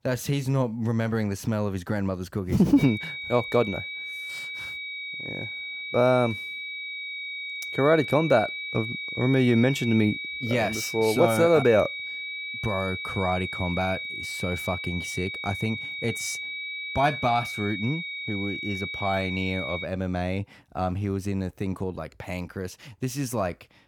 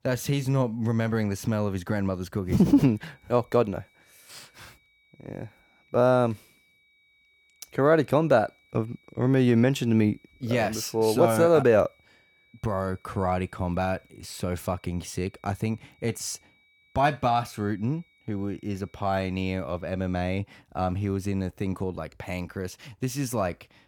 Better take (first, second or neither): second